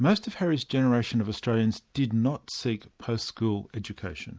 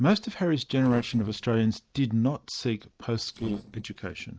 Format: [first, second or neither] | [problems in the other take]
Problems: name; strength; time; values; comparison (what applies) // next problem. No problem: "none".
first | noise reduction (neural separator model SepFormer DNS4)